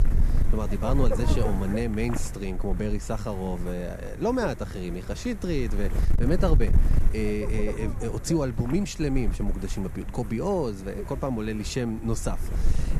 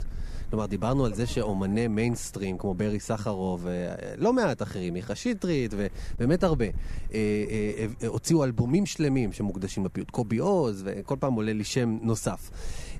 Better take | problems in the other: second | wind noise on the microphone; heavy; 9 dB below the speech; occasional gusts in the second

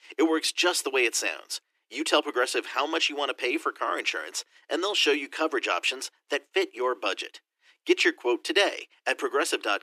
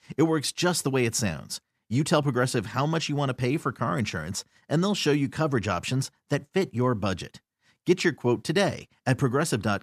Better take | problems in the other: second | thin; very; fading below 300 Hz

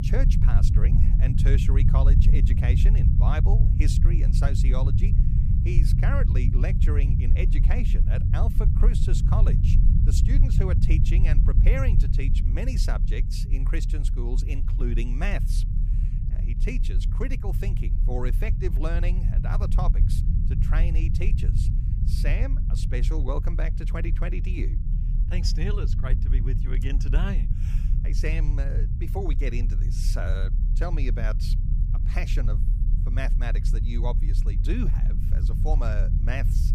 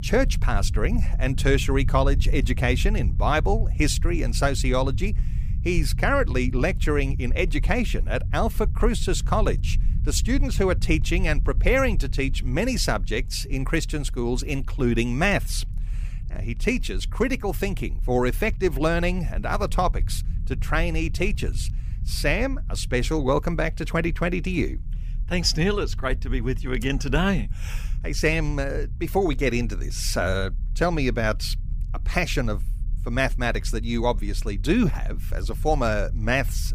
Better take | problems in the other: second | low rumble; loud; throughout; 4 dB below the speech; faint in the second

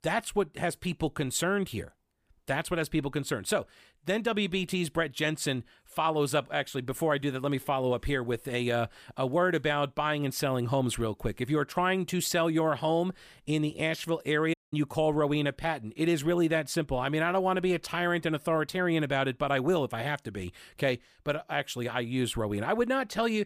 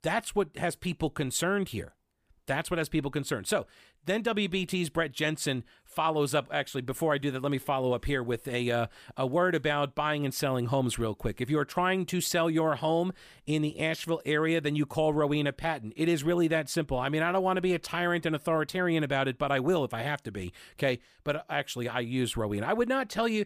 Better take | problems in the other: second | audio cutting out; at 15 s

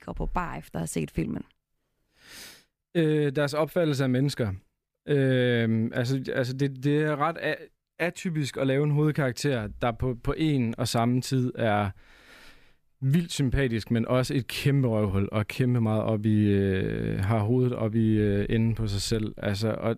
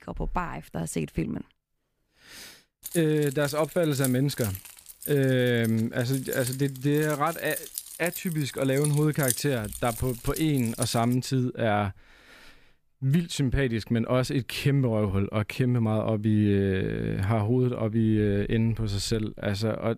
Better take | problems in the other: first | jangling keys; noticeable; from 3 to 11 s; peak 2 dB below the speech

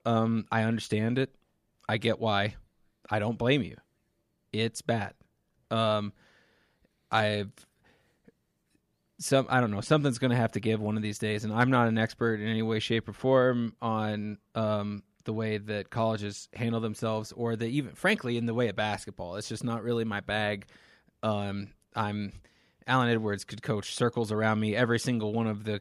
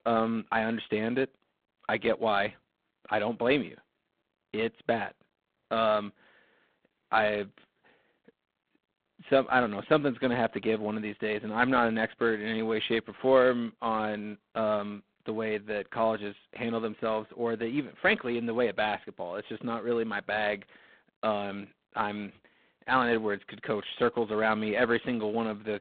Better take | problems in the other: first | phone-call audio; poor line; nothing above 4 kHz

